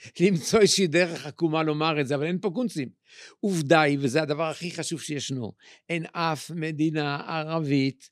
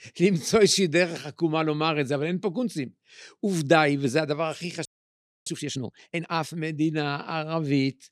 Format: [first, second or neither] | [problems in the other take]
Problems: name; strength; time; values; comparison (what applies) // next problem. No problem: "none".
first | audio freezing; at 5 s for 0.5 s